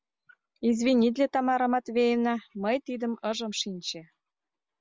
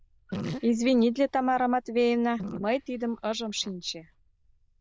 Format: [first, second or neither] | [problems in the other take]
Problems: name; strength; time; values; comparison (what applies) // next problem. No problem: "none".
first | noise reduction (neural diffusion model UNIVERSE++)